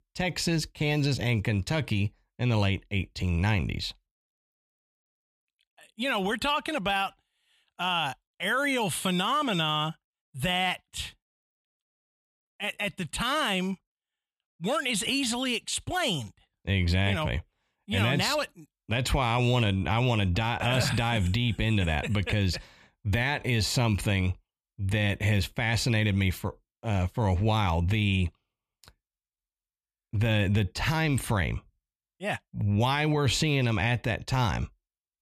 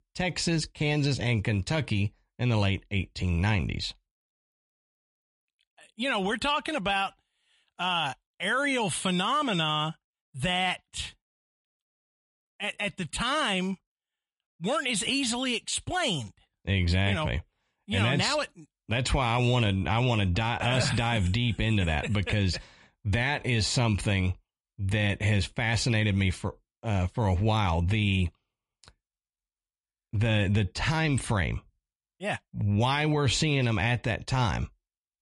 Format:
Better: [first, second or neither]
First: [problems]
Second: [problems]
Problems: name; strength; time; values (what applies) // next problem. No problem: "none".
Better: first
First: none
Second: garbled, watery; slightly; nothing above 11 kHz